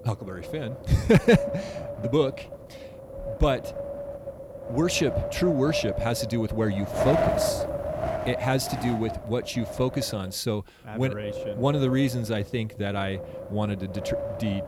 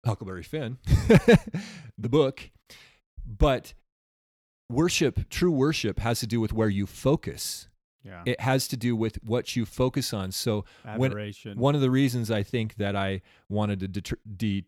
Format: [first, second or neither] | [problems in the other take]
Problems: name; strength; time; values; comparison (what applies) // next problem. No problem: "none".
second | wind noise on the microphone; heavy; 3 dB below the speech